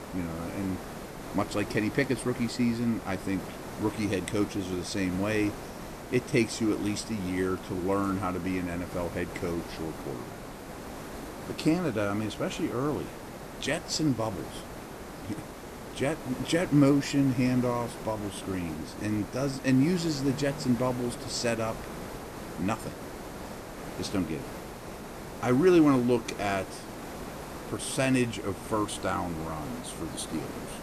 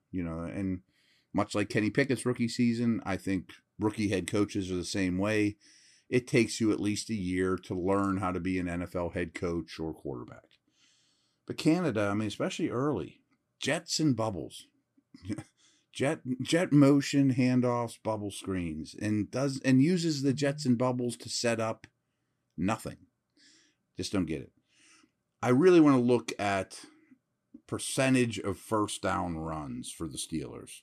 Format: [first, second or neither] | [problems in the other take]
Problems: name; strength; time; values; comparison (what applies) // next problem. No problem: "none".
second | hiss; noticeable; throughout; 10 dB below the speech